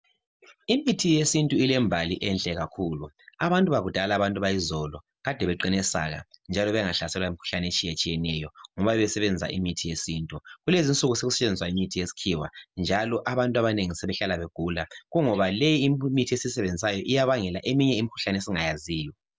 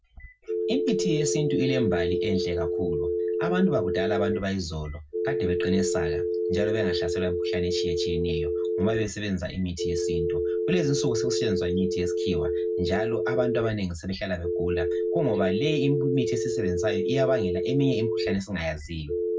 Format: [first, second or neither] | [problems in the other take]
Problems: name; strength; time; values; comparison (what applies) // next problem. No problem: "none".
first | background sound (Telephone); 1 dB above the speech // room echo; dies away in 0.3 s